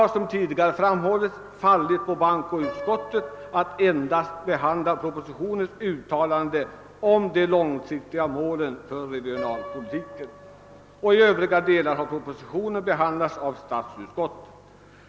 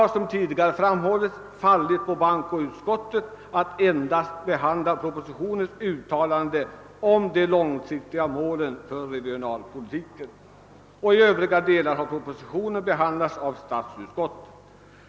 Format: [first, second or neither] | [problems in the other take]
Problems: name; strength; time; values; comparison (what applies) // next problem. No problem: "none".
second | background sound (Piano); 19 dB below the speech